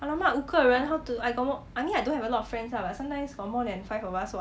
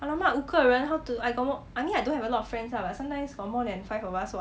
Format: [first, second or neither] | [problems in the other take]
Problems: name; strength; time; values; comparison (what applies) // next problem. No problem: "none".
second | background sound (Guitar); 19 dB below the speech